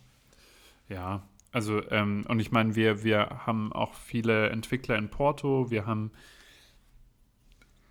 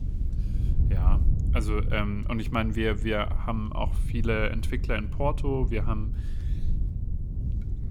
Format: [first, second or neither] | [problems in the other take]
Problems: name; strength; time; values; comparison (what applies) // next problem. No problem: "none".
first | wind noise on the microphone; occasional gusts; 15 dB below the speech